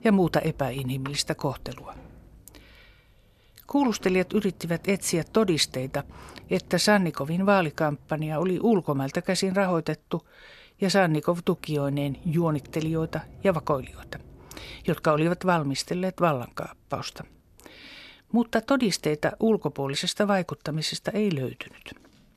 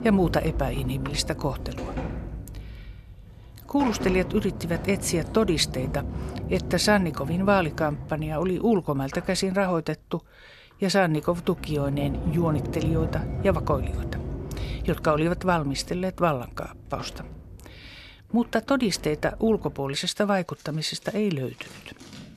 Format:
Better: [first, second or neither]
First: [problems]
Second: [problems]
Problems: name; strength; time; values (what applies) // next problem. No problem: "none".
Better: first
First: household noises; faint; throughout; 25 dB below the speech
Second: household noises; loud; throughout; 9 dB below the speech